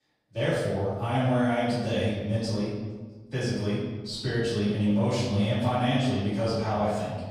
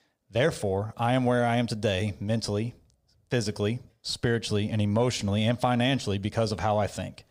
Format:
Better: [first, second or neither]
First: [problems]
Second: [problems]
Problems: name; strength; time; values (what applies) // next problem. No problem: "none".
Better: second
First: off-mic speech; far // room echo; strong; dies away in 1.2 s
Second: none